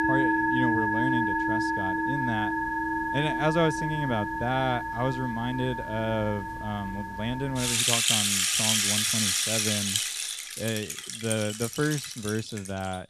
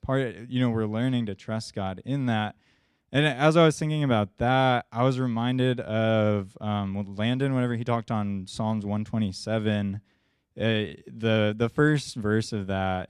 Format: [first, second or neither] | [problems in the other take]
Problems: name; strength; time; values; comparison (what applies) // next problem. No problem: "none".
second | background music; very loud; throughout; 4 dB above the speech